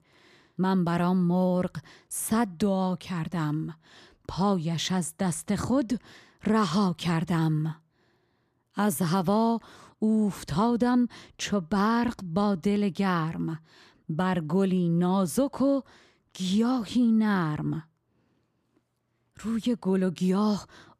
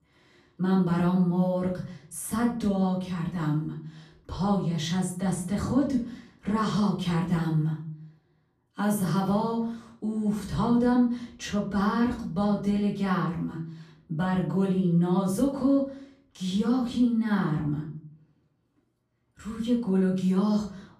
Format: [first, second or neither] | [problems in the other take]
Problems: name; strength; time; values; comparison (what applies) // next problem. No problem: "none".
first | room echo; slight; dies away in 0.4 s // off-mic speech; far